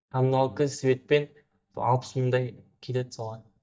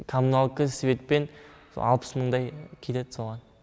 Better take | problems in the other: second | noise reduction (neural mask model DeepFilterNet 3)

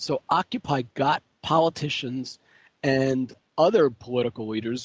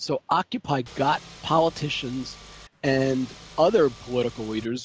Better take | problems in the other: first | background sound (Engine / Car); 20 dB below the speech

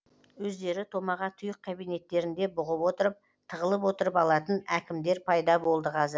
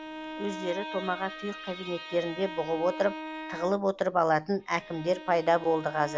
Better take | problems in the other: first | background sound (Bowed string instrument); 11 dB below the speech

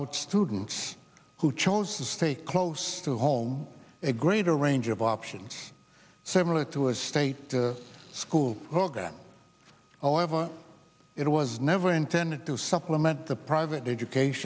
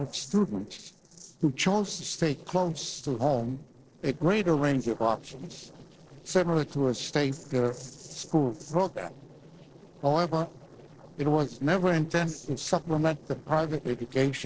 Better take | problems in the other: first | noise reduction (neural separator model SepFormer DNS4)

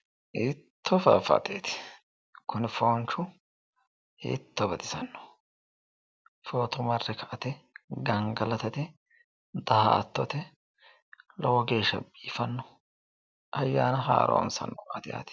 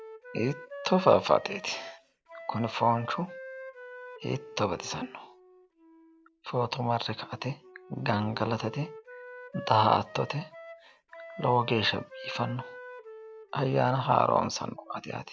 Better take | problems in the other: first | background sound (Wind instrument, woodwind instrument); 16 dB below the speech

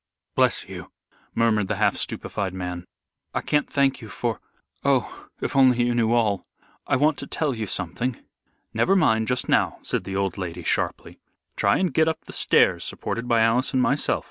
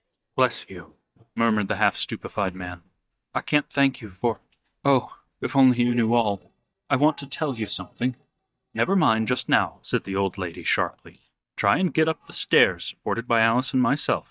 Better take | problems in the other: first | noise reduction (neural mask model DeepFilterNet 3)

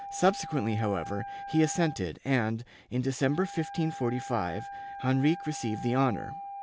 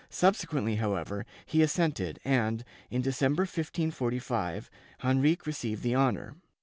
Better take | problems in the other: second | background sound (Wind instrument, woodwind instrument); 12 dB below the speech

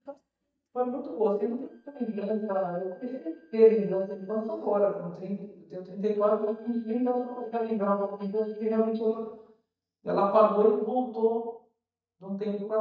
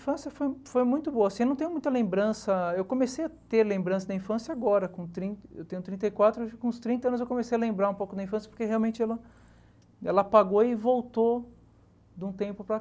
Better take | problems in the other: second | noise reduction (neural mask model DeepFilterNet 3)

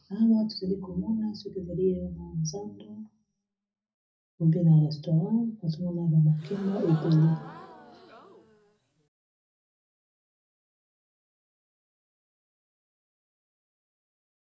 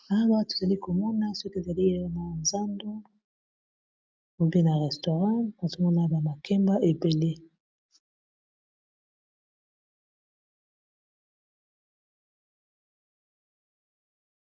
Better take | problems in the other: second | background sound (Crowd / Gasp); 16 dB below the speech // room echo; dies away in 0.4 s

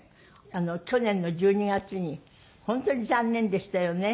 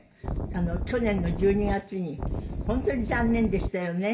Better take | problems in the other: first | background sound (Wind); 3 dB below the speech // room echo; dies away in 0.2 s

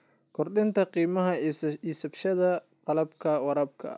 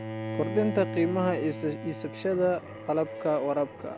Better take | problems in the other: first | background sound (Bowed string instrument); 8 dB below the speech

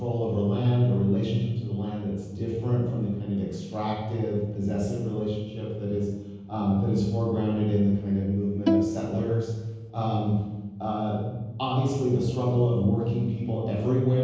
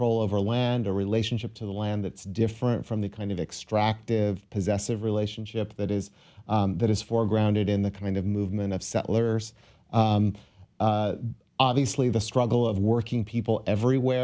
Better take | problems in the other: second | background sound (Bowed string instrument); 2 dB below the speech // room echo; dies away in 1.3 s

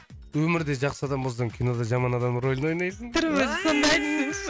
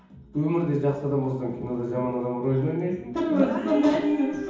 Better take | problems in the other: first | room echo; dies away in 1.2 s

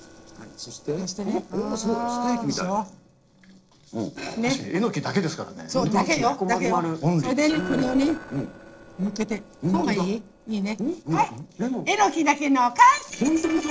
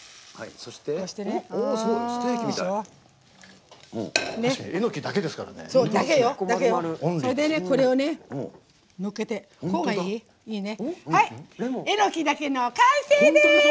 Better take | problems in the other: second | noise reduction (neural separator model SepFormer DNS4)

